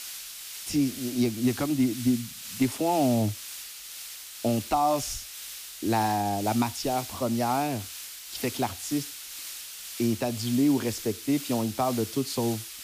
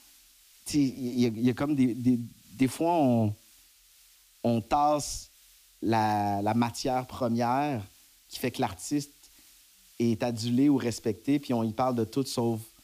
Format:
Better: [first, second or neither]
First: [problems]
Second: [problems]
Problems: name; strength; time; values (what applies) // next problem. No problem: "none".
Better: second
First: hiss; loud; throughout; 9 dB below the speech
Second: hiss; faint; throughout; 25 dB below the speech